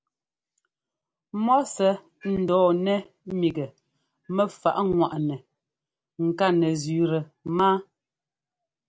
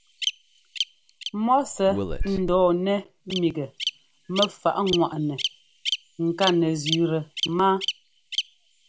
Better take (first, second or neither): first